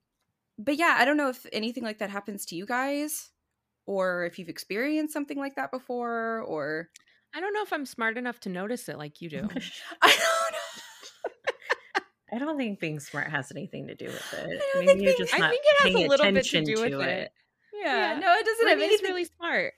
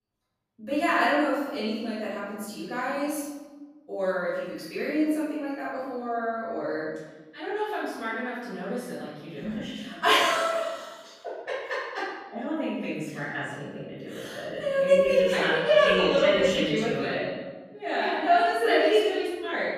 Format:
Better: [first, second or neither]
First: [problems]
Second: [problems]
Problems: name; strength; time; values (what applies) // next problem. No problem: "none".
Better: first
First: none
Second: off-mic speech; far // room echo; strong; dies away in 1.1 s